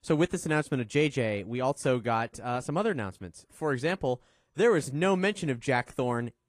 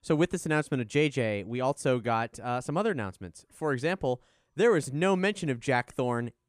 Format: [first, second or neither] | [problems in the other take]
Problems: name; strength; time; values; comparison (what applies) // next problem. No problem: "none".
second | garbled, watery; slightly; nothing above 14.5 kHz